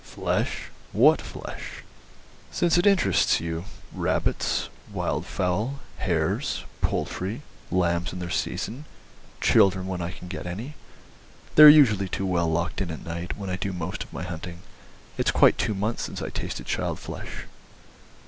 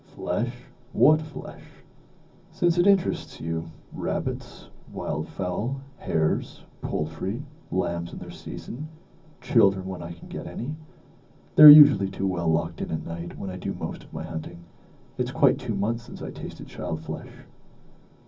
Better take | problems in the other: first | room echo; dies away in 0.4 s

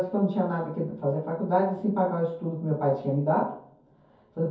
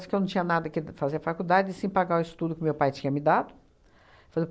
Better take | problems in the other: second | room echo; dies away in 0.6 s

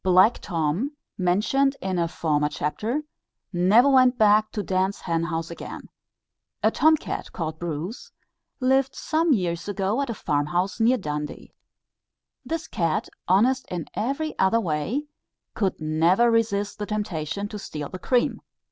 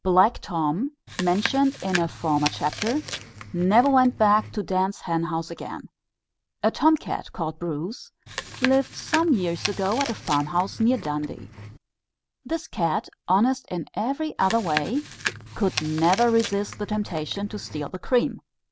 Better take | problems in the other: first | background sound (Chewing, mastication); 10 dB below the speech

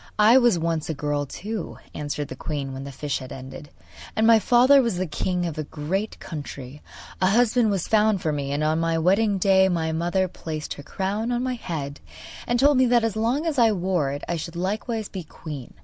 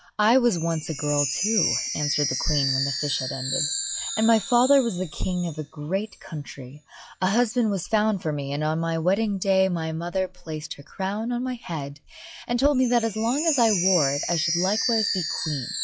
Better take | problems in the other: first | noise reduction (classical method log-MMSE)

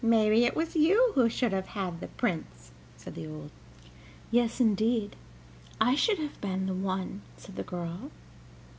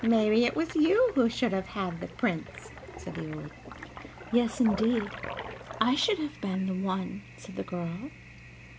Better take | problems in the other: first | background sound (Toilet flush); 15 dB below the speech

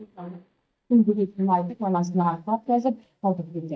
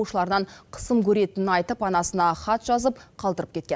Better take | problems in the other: second | noise reduction (neural mask model DeepFilterNet 3)

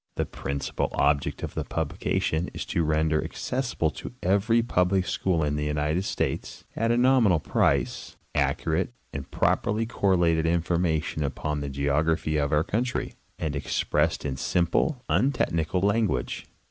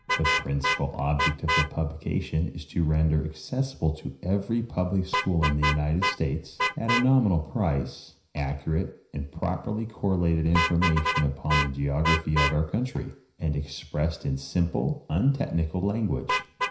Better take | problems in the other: first | background sound (Vehicle horn, car horn, honking); 6 dB below the speech // room echo; dies away in 0.5 s

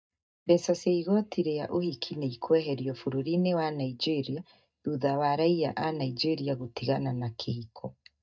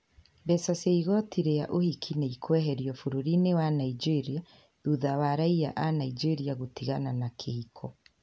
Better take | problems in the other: second | noise reduction (neural mask model DeepFilterNet 3)

